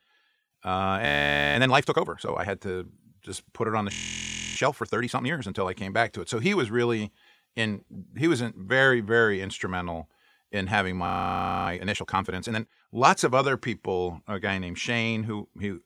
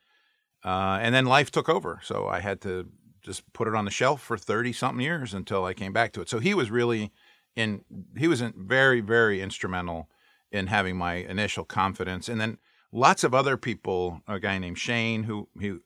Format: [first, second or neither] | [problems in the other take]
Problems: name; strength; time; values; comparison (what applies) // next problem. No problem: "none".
second | audio freezing; at 1 s, at 4 s for 0.5 s and at 11 s for 0.5 s